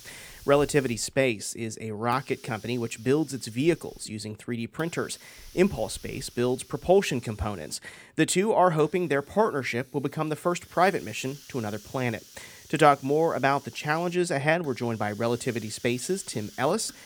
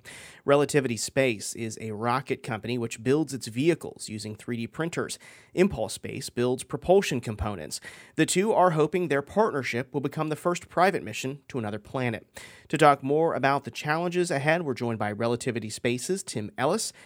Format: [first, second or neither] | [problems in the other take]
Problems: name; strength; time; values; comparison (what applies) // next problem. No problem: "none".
second | hiss; faint; throughout; 20 dB below the speech